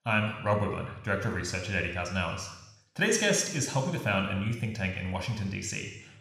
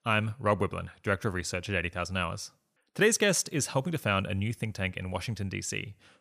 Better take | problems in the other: second | room echo; noticeable; dies away in 0.9 s

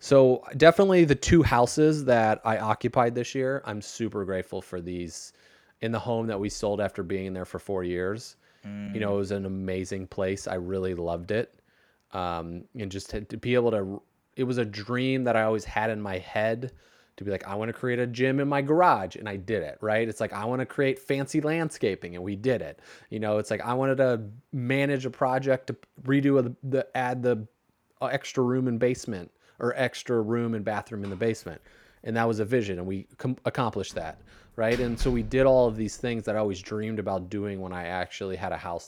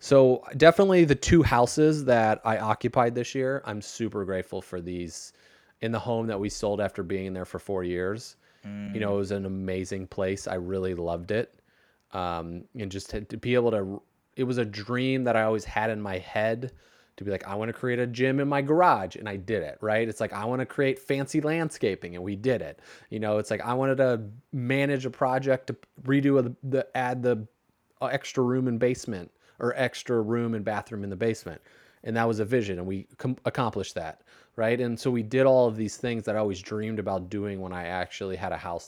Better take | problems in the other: second | door banging; noticeable; at 35 s; peak 10 dB below the speech

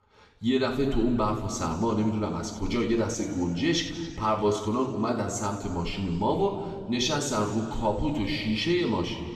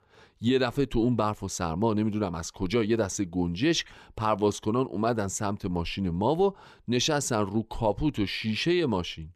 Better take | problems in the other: second | room echo; noticeable; dies away in 1.9 s // off-mic speech; far

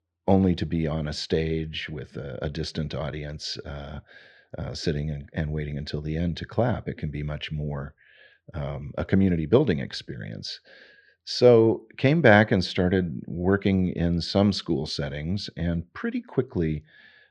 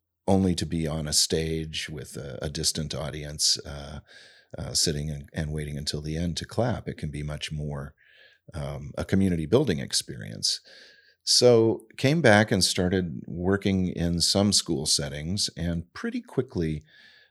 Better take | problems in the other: second | muffled; slightly; fading above 3 kHz

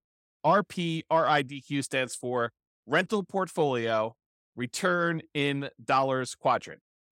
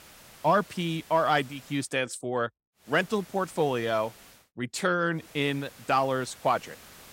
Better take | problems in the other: first | hiss; faint; until 2 s, from 3 to 4.5 s and from 5 s on; 20 dB below the speech

